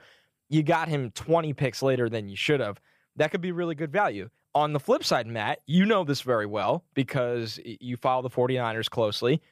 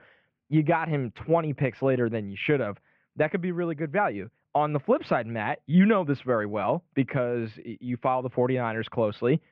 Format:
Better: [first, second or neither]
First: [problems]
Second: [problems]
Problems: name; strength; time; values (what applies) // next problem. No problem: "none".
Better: first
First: none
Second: muffled; very; fading above 2.5 kHz